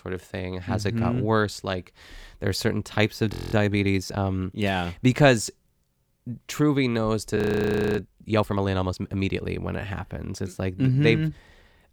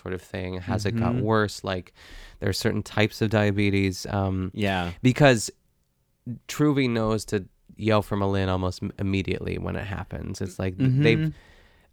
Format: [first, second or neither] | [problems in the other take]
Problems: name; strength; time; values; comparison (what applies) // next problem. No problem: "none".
second | audio freezing; at 3.5 s and at 7.5 s for 0.5 s